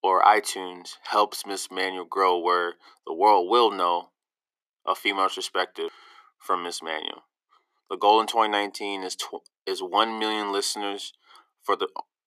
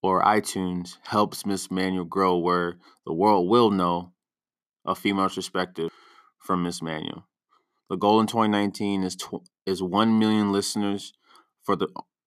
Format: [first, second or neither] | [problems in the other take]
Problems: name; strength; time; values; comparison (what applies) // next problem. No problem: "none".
second | thin; very; fading below 400 Hz